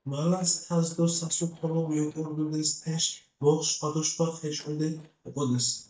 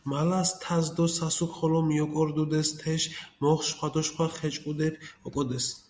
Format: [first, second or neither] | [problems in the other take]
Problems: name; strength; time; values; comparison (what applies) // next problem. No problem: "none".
second | noise reduction (neural mask model DeepFilterNet 3)